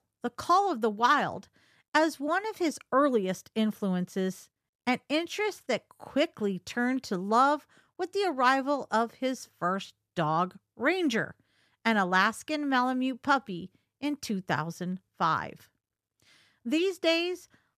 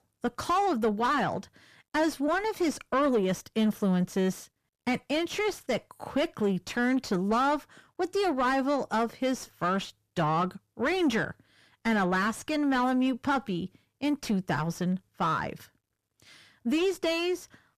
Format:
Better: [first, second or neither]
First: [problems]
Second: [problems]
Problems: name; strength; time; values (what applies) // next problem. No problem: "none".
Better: first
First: none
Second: distortion; heavy; 7 dB below the speech